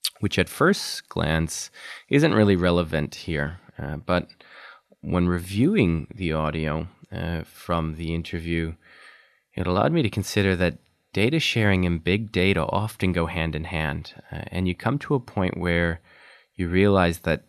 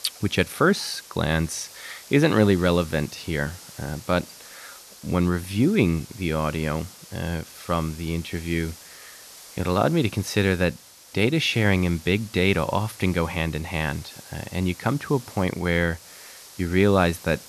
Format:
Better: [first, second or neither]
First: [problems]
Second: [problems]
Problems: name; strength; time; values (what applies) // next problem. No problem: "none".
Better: first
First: none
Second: hiss; noticeable; throughout; 20 dB below the speech